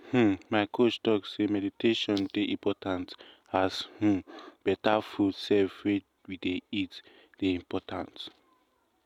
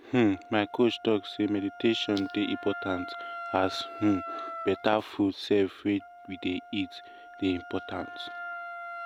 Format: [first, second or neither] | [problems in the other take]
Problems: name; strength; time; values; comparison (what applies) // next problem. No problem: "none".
first | background sound (Wind instrument, woodwind instrument); 12 dB below the speech